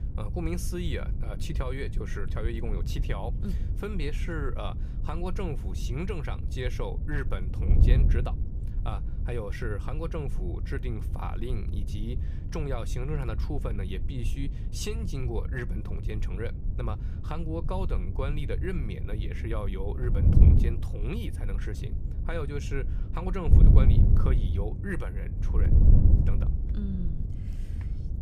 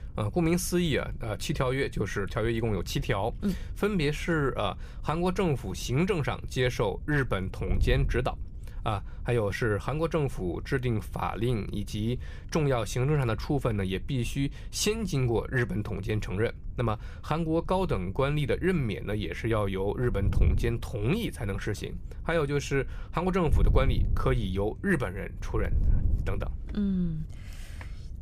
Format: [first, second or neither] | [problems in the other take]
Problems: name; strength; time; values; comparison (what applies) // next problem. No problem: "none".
second | wind noise on the microphone; heavy; 5 dB below the speech; occasional gusts in the second